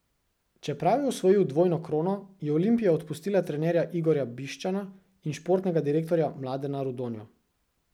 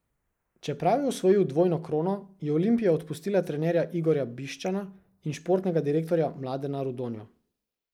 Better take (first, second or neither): first